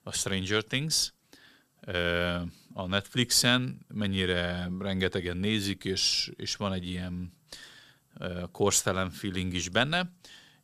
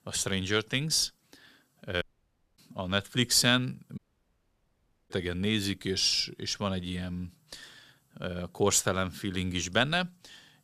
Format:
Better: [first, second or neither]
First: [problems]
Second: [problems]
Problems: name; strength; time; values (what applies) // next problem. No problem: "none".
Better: first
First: none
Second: audio cutting out; at 2 s for 0.5 s and at 4 s for 1 s